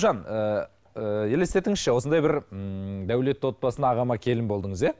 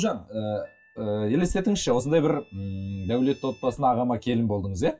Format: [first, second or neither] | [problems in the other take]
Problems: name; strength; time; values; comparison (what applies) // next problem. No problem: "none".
first | noise reduction (classical method WPE with log-MMSE)